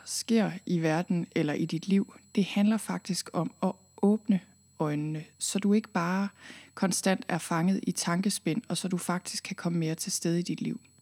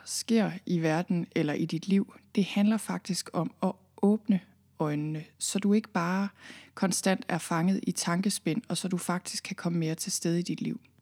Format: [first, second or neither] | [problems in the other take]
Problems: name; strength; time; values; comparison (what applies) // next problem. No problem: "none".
second | high-pitched whine; faint; throughout; 8 kHz, 30 dB below the speech